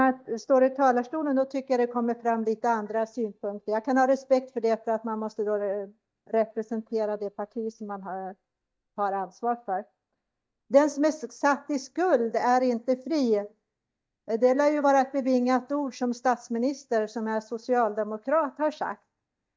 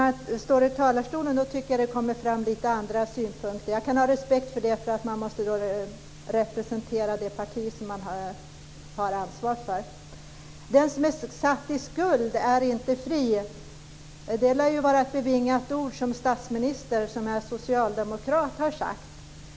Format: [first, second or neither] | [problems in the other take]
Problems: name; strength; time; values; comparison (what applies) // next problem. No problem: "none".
second | noise reduction (neural mask model DeepFilterNet 3)